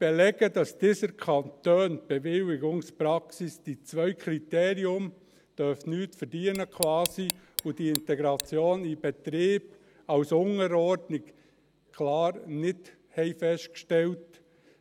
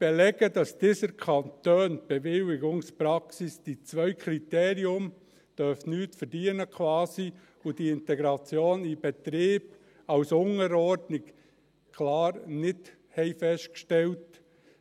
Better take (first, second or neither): second